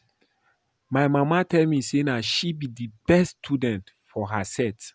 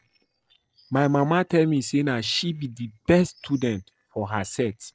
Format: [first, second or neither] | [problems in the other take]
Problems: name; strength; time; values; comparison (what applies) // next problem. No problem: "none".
first | noise reduction (neural separator model SepFormer DNS4)